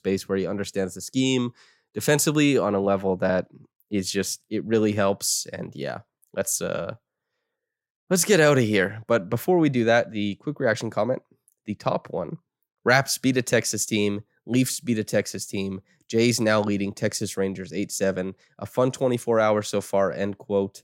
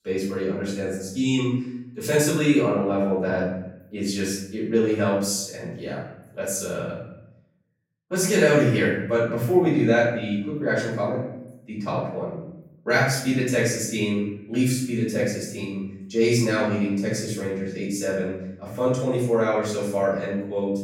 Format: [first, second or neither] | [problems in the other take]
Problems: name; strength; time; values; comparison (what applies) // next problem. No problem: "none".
first | room echo; noticeable; dies away in 0.7 s // off-mic speech; far